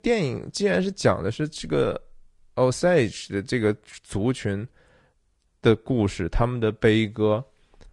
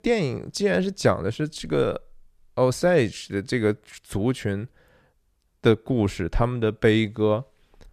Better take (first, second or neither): second